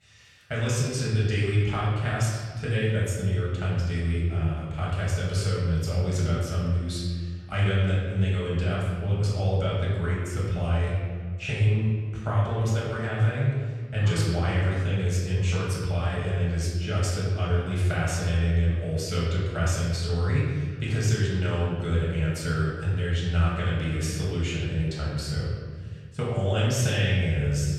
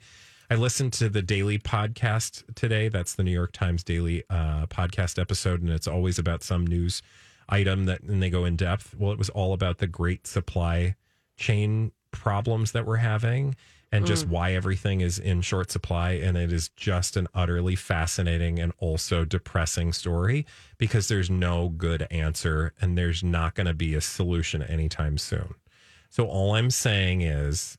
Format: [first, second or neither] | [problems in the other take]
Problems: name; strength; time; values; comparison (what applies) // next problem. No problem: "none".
second | room echo; noticeable; dies away in 1.6 s // off-mic speech; far